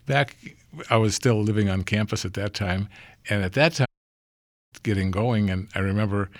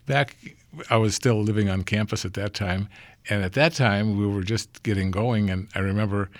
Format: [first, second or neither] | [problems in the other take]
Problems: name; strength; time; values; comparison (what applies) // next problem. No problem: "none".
second | audio cutting out; at 4 s for 1 s